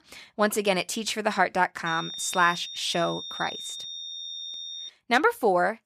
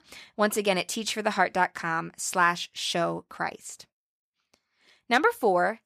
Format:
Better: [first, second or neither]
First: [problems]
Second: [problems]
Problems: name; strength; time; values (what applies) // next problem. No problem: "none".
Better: second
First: high-pitched whine; loud; from 2 to 5 s; 3.5 kHz, 9 dB below the speech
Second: none